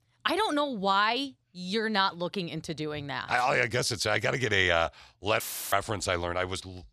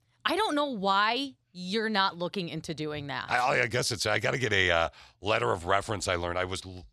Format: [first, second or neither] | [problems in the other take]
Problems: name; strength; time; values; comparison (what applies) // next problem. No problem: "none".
second | audio cutting out; filled with static; at 5.5 s